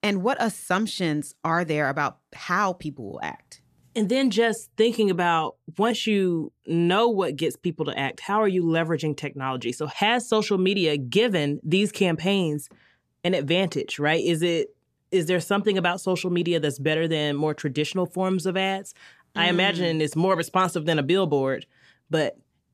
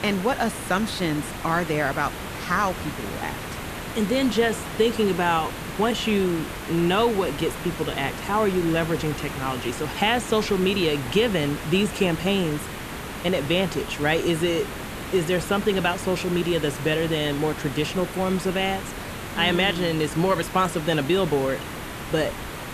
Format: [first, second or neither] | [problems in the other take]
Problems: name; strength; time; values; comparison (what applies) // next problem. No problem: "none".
first | hiss; loud; throughout; 9 dB below the speech